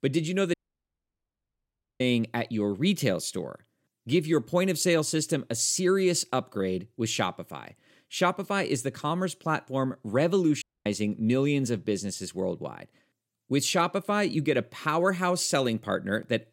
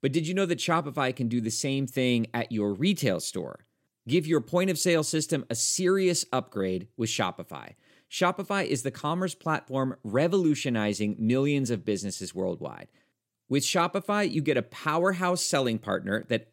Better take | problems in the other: second | audio cutting out; at 0.5 s for 1.5 s and at 11 s

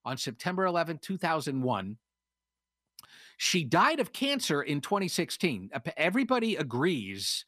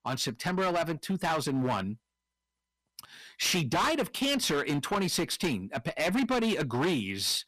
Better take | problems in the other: first | distortion; heavy; 14% of the sound clipped

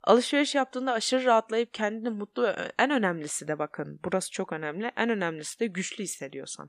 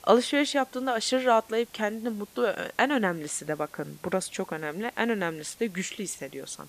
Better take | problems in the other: first | hiss; faint; throughout; 25 dB below the speech

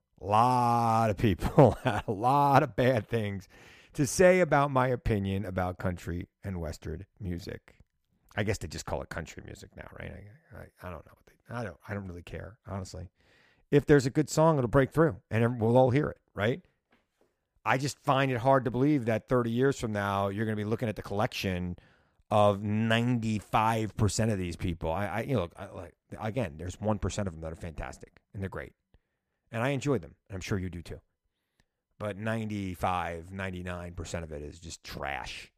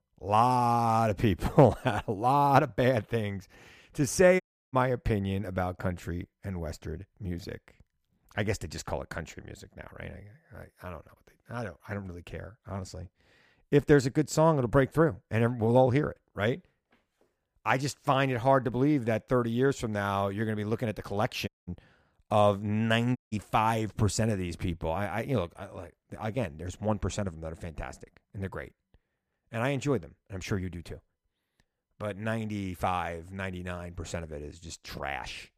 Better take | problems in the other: first | audio cutting out; at 4.5 s, at 21 s and at 23 s

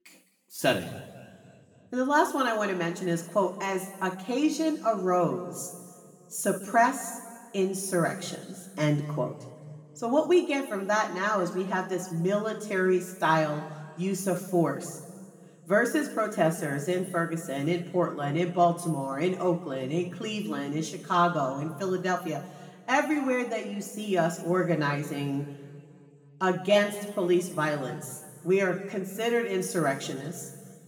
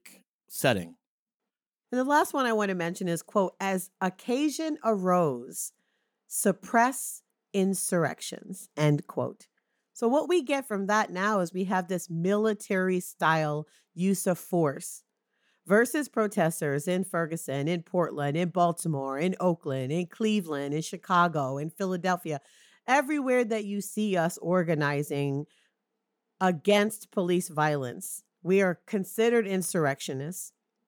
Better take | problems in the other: second | room echo; noticeable; dies away in 1.9 s // off-mic speech; somewhat distant

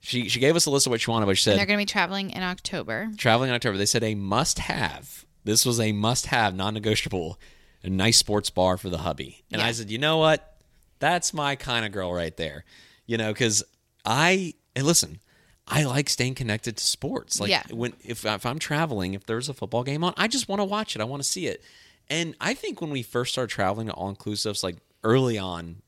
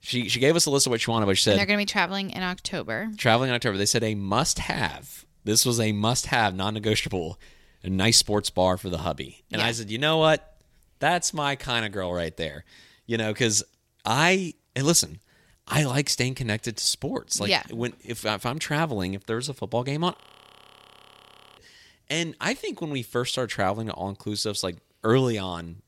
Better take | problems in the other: first | audio freezing; at 20 s for 1.5 s

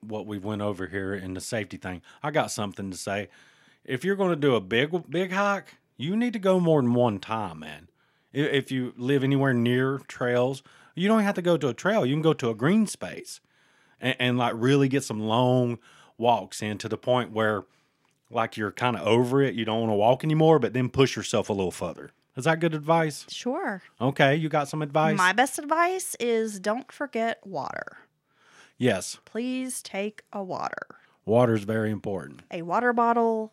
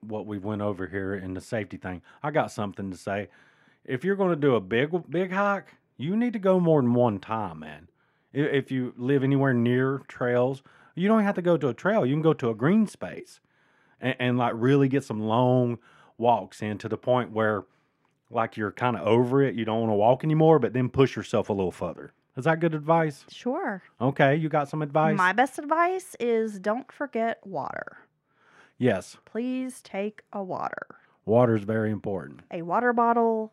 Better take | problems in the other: first | muffled; slightly; fading above 2.5 kHz

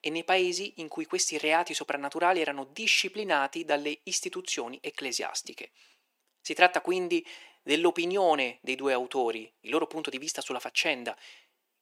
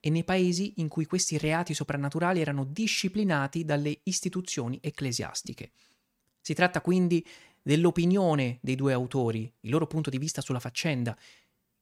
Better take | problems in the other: second | thin; very; fading below 350 Hz

